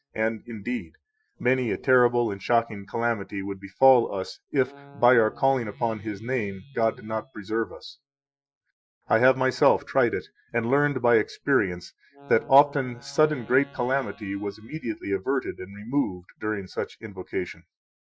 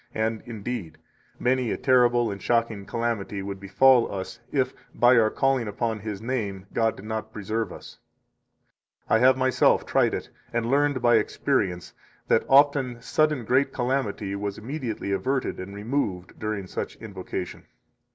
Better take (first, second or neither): second